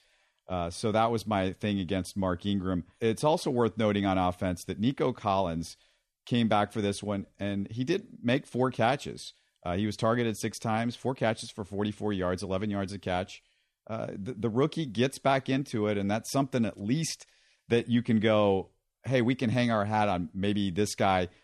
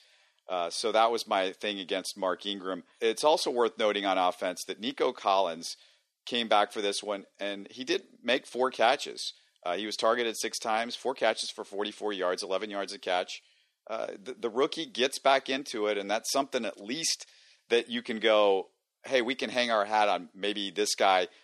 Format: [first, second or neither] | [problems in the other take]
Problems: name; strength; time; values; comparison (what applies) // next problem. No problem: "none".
first | thin; somewhat; fading below 350 Hz